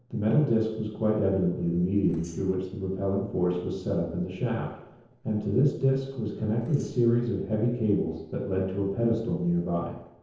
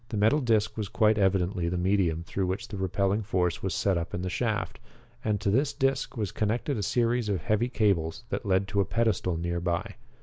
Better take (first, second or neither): second